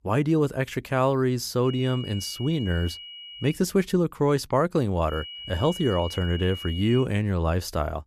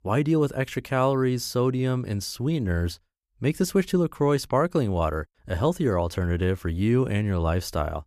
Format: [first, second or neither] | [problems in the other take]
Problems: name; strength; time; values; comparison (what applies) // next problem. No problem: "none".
second | high-pitched whine; noticeable; from 1.5 to 3.5 s and from 5 to 7 s; 3 kHz, 10 dB below the speech